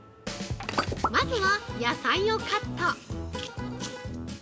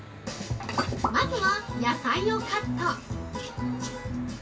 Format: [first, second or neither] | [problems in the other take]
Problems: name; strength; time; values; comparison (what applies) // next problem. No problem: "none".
first | background sound (Church bell / Traffic noise, roadway noise); 17 dB below the speech // room echo; dies away in 0.2 s